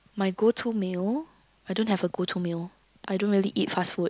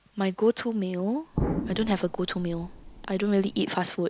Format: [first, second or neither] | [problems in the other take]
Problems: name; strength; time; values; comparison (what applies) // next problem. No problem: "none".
first | background sound (Explosion); 6 dB below the speech